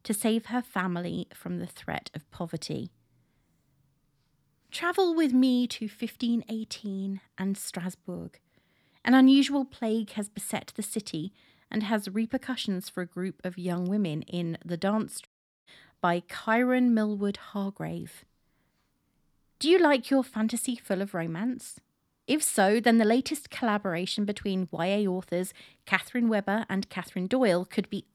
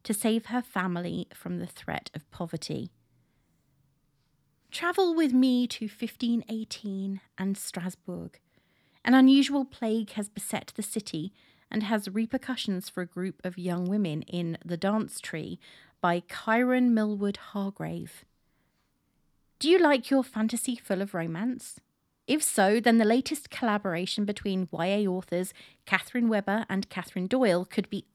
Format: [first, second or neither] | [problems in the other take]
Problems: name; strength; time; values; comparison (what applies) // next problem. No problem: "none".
second | audio cutting out; at 15 s